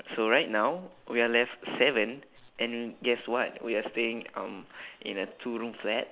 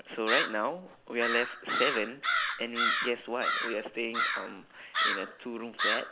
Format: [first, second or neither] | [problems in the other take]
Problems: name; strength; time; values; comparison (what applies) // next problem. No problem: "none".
first | background sound (Crow); 1 dB above the speech